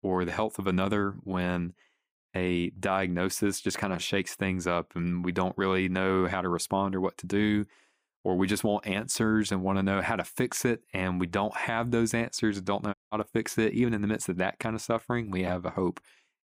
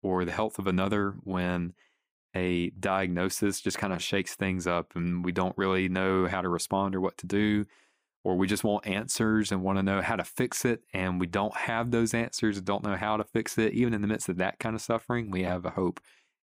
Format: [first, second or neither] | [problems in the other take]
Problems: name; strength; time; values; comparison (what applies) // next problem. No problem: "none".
second | audio cutting out; at 13 s